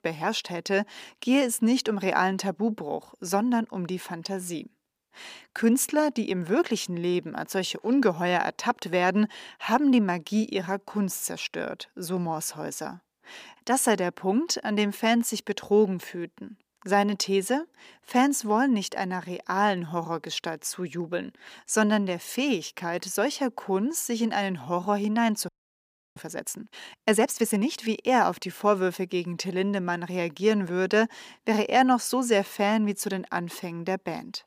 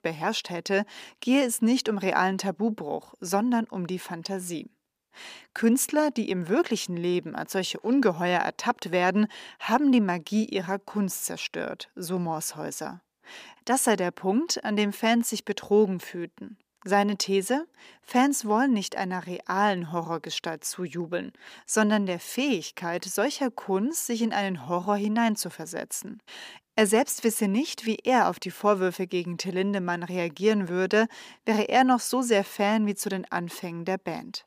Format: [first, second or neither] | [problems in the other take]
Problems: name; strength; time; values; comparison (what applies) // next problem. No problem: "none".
second | audio freezing; at 25 s for 0.5 s